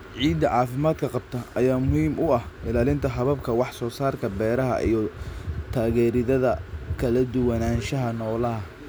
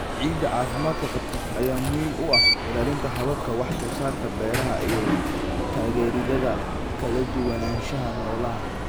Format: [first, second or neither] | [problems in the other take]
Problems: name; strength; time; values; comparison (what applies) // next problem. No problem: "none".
first | background sound (Alarm); as loud as the speech